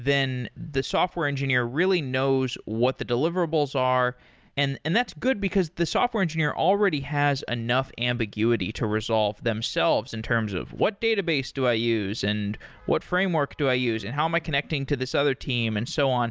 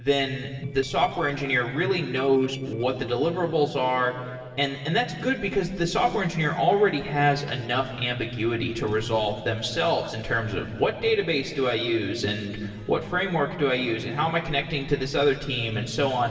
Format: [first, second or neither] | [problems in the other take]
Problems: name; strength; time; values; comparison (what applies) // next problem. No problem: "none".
first | noise reduction (neural separator model SepFormer DNS4)